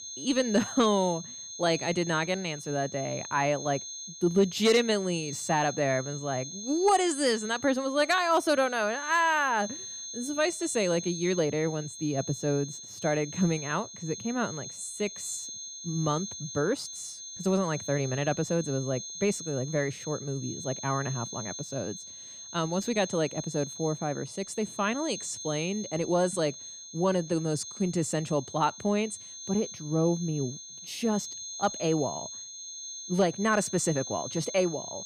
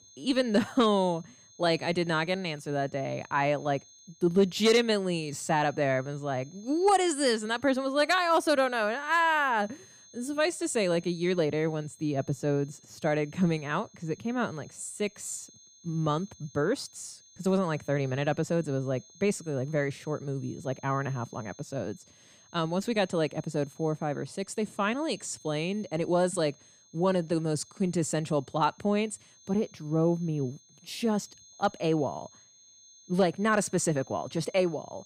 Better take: second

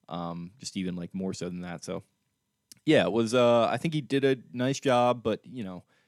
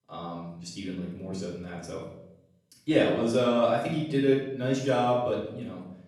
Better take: first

